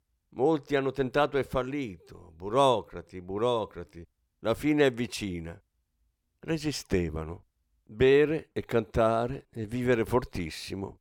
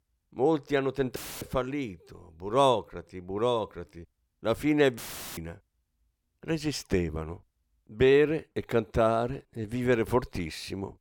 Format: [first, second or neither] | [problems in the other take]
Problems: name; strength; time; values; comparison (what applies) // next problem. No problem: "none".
first | audio cutting out; filled with static; at 1 s and at 5 s